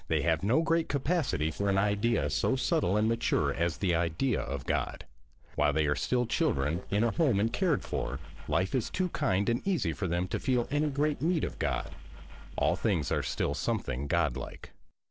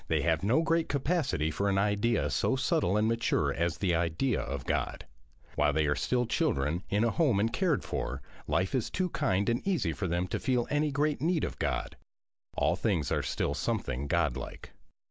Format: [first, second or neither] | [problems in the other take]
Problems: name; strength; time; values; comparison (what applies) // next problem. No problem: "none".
second | noise reduction (neural separator model SepFormer DNS4)